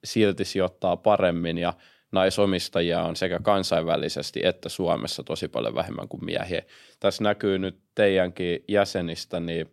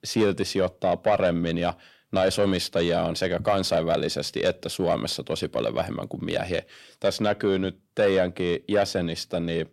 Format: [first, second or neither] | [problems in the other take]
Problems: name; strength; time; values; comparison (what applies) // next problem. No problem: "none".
first | distortion; slight; 10 dB below the speech